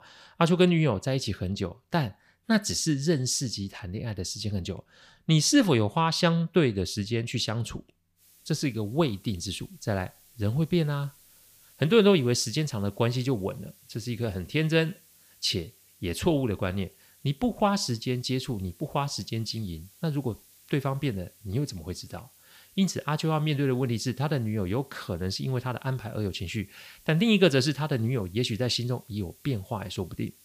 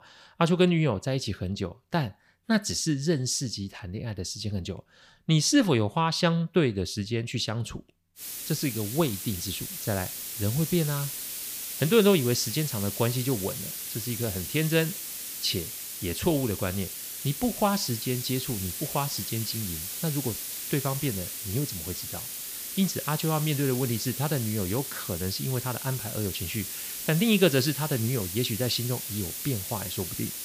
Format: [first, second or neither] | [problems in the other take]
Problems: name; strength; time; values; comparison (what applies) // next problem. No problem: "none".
first | hiss; loud; from 8 s on; 5 dB below the speech; faint in the first